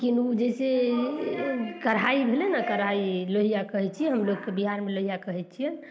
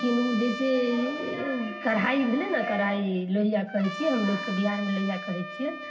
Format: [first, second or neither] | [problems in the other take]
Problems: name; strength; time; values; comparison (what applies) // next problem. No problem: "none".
first | background sound (Trumpet); 10 dB below the speech // room echo; dies away in 0.4 s